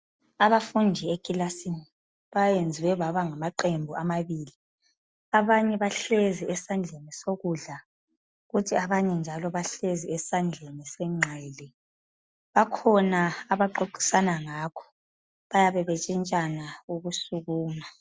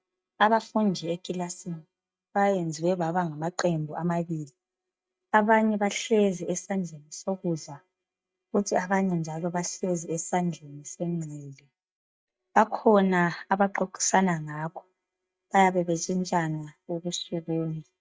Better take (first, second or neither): first